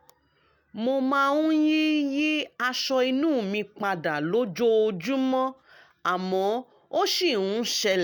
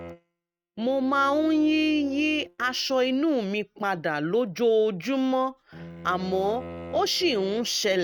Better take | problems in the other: first | noise reduction (neural mask model RNNoise)

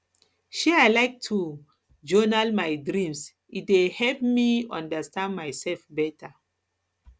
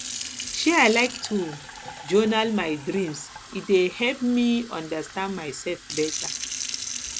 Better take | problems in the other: first | background sound (Fill (with liquid) / Sink (filling or washing)); 10 dB below the speech

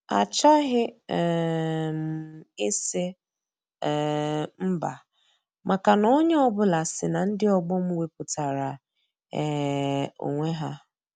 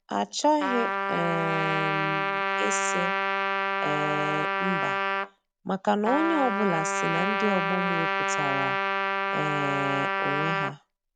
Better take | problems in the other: first | background sound (Trumpet); 2 dB above the speech

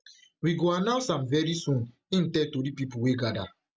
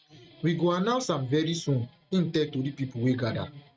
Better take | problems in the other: first | noise reduction (neural mask model RNNoise)

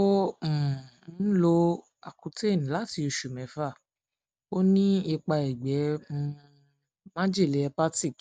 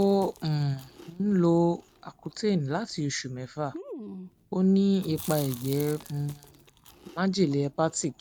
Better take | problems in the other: first | background sound (Chewing, mastication); 19 dB below the speech

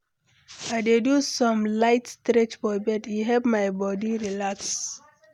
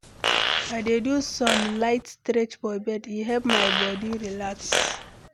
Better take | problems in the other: first | background sound (Fart); 1 dB below the speech

